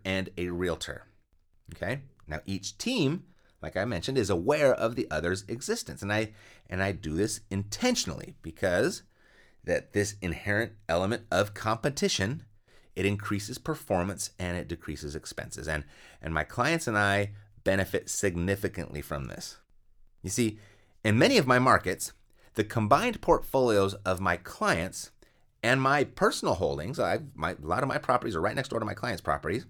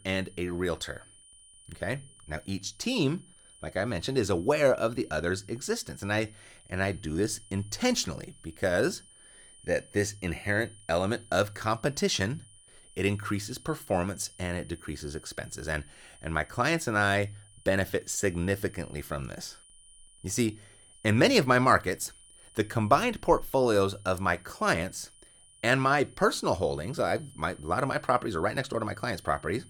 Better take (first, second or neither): first